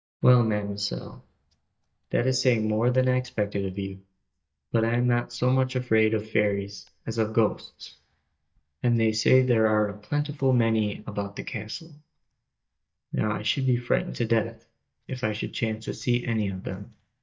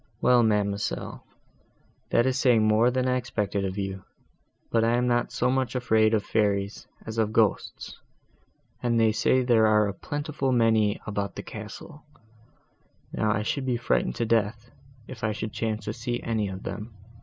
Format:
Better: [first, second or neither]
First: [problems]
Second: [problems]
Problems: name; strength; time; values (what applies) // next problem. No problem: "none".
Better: second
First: noise reduction (neural mask model DeepFilterNet 3)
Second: none